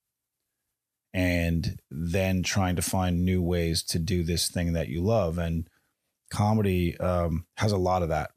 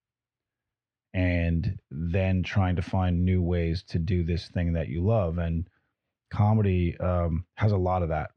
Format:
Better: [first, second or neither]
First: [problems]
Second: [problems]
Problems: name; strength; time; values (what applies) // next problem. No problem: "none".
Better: first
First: none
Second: muffled; slightly; fading above 3 kHz